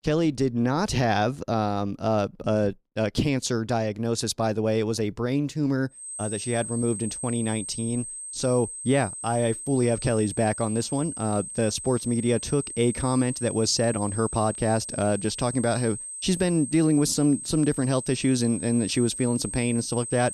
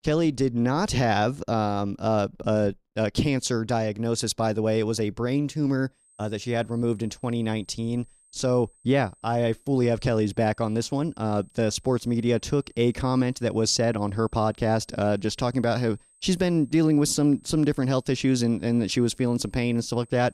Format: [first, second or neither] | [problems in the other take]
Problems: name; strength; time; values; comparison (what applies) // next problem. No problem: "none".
second | high-pitched whine; loud; from 6 s on; 8.5 kHz, 8 dB below the speech; faint in the second